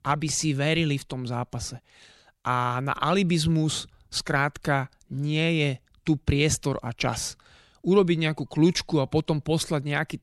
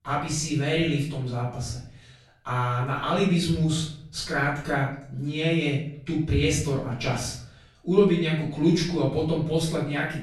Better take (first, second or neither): first